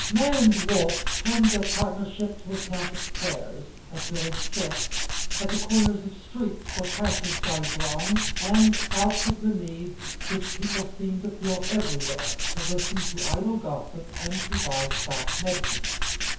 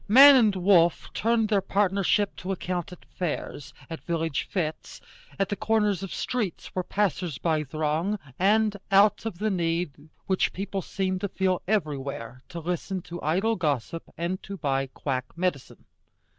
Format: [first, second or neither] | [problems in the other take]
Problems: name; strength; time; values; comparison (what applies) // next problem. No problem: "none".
second | background sound (Tools); 1 dB below the speech // room echo; dies away in 0.6 s